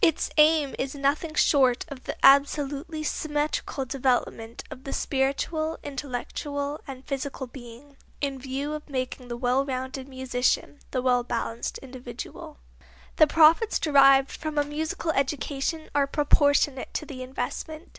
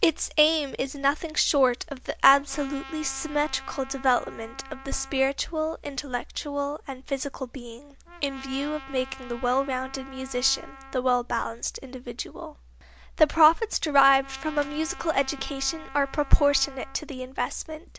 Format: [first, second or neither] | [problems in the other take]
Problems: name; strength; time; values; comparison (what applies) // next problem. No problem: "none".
first | background sound (Trumpet); 18 dB below the speech